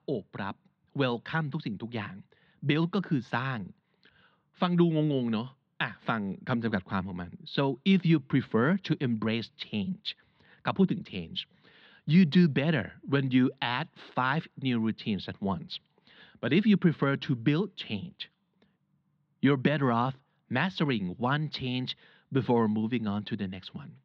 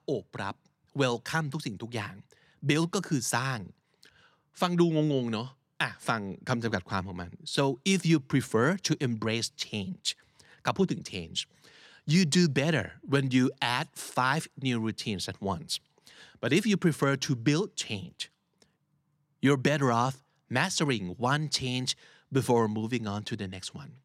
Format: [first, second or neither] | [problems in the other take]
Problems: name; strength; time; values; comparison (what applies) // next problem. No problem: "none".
second | muffled; slightly; fading above 4 kHz